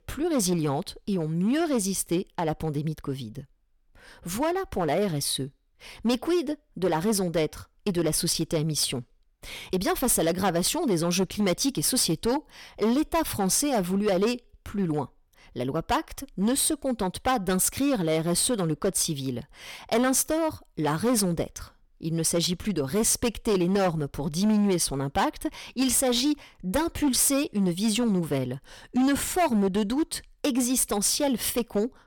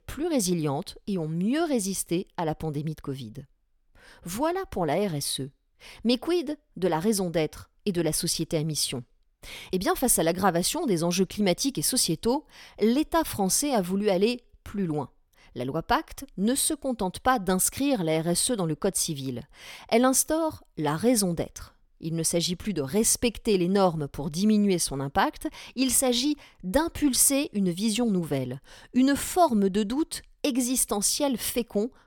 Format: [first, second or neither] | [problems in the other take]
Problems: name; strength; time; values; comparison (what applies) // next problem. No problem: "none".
second | distortion; slight; 8% of the sound clipped